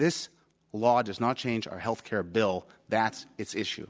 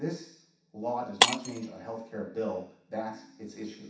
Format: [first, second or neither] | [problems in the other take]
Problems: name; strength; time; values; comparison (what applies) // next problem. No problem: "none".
first | background sound (Shatter); 4 dB above the speech // room echo; dies away in 0.7 s